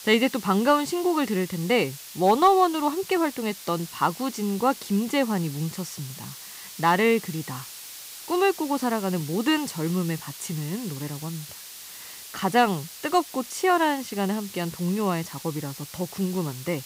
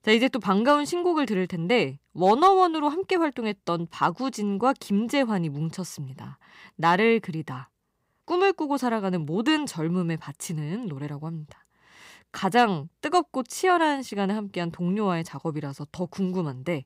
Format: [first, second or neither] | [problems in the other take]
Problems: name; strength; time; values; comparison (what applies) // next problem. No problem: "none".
second | hiss; noticeable; throughout; 15 dB below the speech